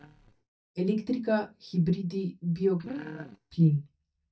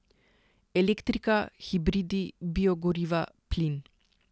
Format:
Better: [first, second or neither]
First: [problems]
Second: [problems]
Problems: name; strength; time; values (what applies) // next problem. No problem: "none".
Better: second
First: noise reduction (neural mask model DeepFilterNet 3)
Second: none